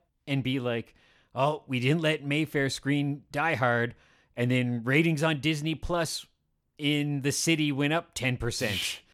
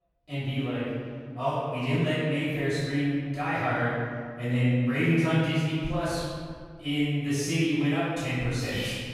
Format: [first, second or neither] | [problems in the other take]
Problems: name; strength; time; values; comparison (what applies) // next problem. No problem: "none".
first | room echo; strong; dies away in 2 s // off-mic speech; far